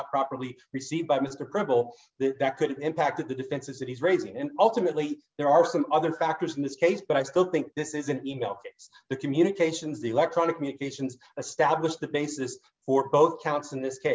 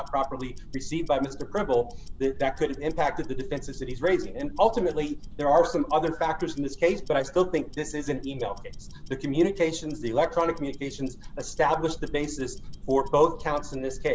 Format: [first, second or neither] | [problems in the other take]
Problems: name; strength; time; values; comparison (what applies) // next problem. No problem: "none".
first | background sound (Tick-tock); 9 dB below the speech